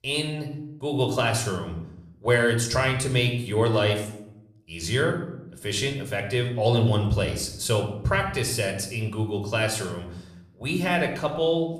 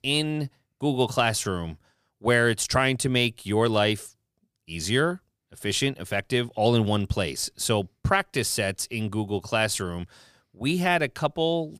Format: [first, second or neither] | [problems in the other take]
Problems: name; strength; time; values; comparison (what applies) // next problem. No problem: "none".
second | room echo; slight; dies away in 0.6 s